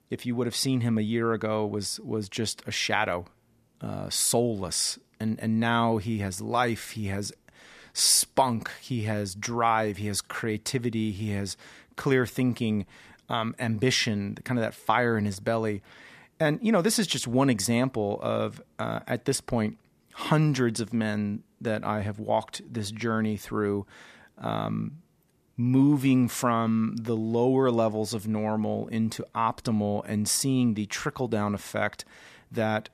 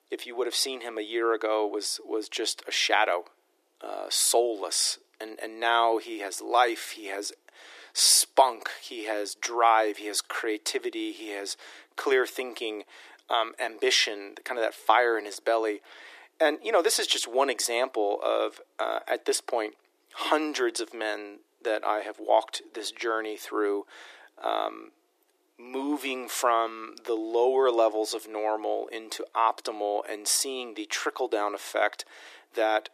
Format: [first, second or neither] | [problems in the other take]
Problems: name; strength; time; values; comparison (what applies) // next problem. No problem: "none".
first | thin; very; fading below 300 Hz